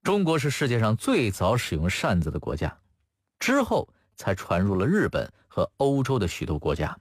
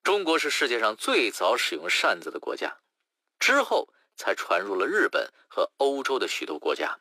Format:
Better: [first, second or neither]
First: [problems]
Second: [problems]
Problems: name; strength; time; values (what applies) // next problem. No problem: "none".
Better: first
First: none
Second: thin; very; fading below 350 Hz